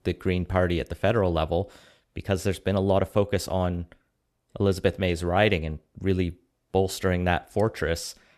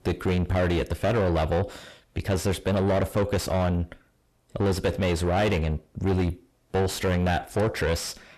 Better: first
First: none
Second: distortion; heavy; 6 dB below the speech

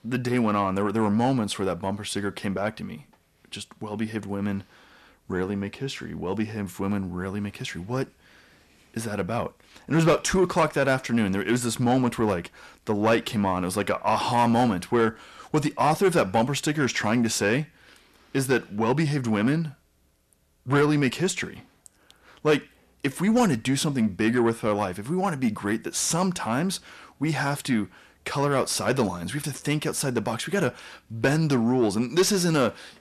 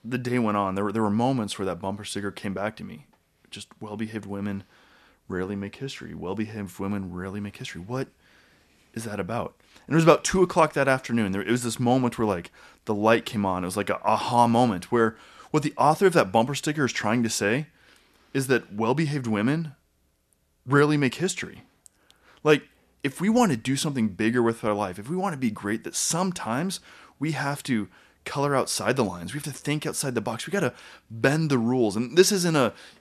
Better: second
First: distortion; slight; 10 dB below the speech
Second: none

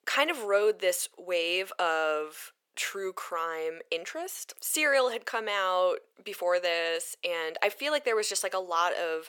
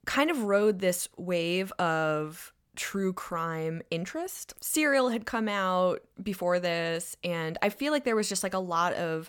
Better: second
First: thin; very; fading below 400 Hz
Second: none

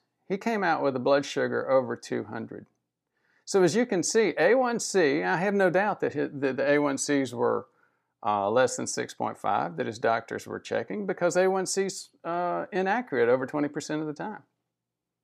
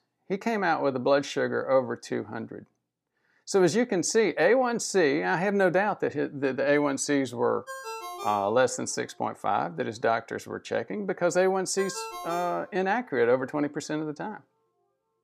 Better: first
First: none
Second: phone ringing; noticeable; from 7.5 to 13 s; peak 10 dB below the speech

